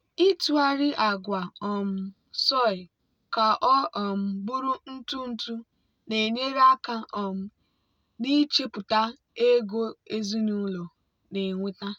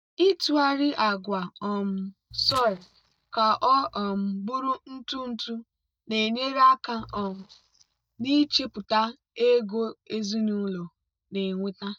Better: first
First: none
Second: noise reduction (neural mask model DeepFilterNet 3)

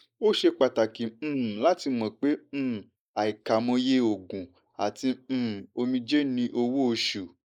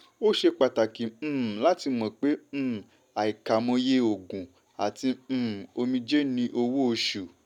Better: second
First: noise reduction (neural mask model Resemble Enhance denoiser)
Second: none

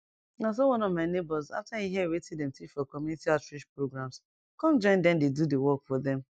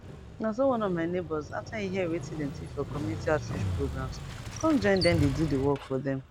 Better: first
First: none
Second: background sound (Motorcycle); 6 dB below the speech

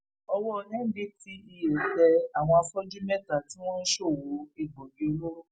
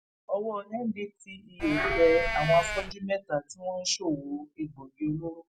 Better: first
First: none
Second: background sound (Livestock, farm animals, working animals); 2 dB below the speech

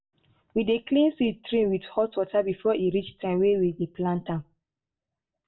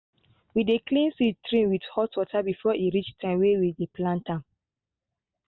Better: second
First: room echo; dies away in 0.2 s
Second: none

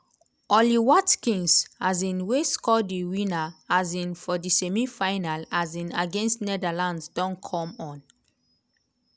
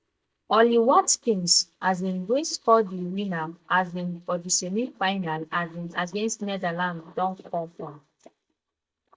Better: first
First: none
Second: noise reduction (neural mask model DeepFilterNet 3)

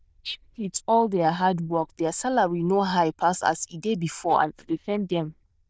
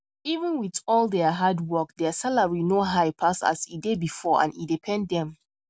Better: second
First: noise reduction (neural diffusion model UNIVERSE++)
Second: none

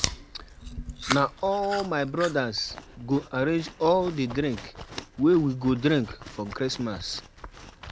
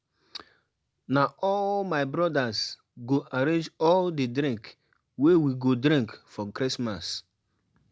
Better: second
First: background sound (Chewing, mastication); 11 dB below the speech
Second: none

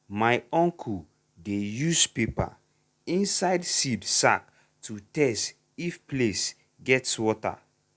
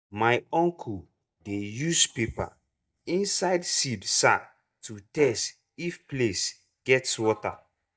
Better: first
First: none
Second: noise reduction (neural mask model DeepFilterNet 3)

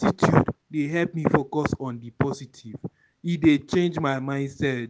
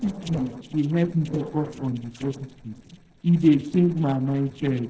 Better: first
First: none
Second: noise reduction (neural separator model SepFormer DNS4)

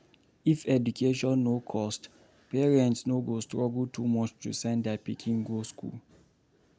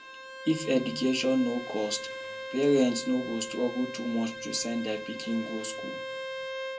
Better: first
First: none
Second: background sound (Bowed string instrument); 9 dB below the speech // room echo; dies away in 0.2 s

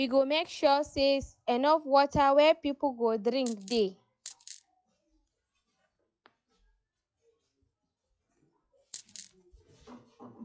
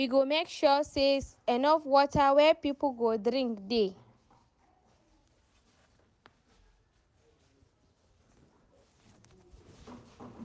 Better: second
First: noise reduction (classical method log-MMSE)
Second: none

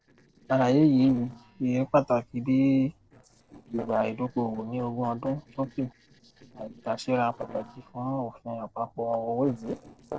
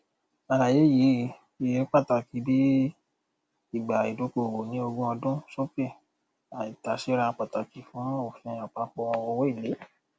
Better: second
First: noise reduction (neural separator model SepFormer DNS4)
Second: none

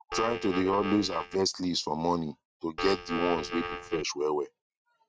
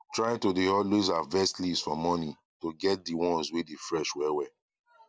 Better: second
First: noise reduction (neural mask model RNNoise)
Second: none

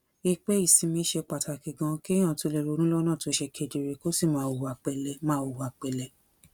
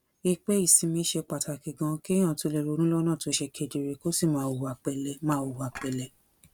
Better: first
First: none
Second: background sound (Dishes, pots, and pans / Chink, clink); 18 dB below the speech

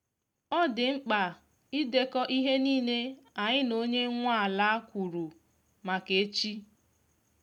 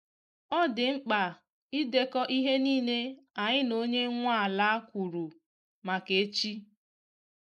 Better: first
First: none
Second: noise reduction (neural mask model Resemble Enhance denoiser)

